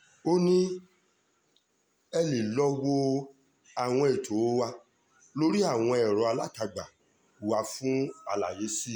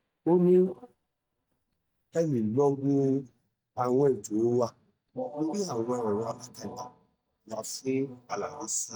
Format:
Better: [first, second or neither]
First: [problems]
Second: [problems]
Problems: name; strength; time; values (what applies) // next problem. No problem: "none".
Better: first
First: none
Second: noise reduction (neural mask model DeepFilterNet 3)